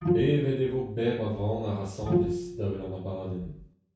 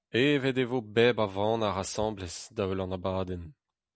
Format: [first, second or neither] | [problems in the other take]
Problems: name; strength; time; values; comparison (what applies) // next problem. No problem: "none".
second | background sound (Bowed string instrument); 2 dB below the speech // room echo; dies away in 0.5 s